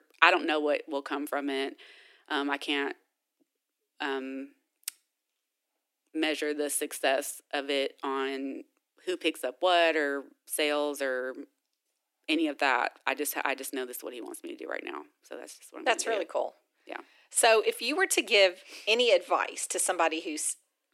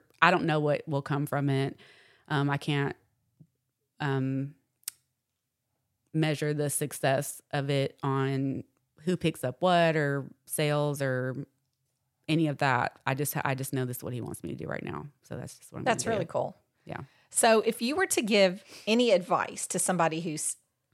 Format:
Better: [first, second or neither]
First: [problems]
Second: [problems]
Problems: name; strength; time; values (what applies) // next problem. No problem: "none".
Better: second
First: thin; somewhat; fading below 300 Hz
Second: none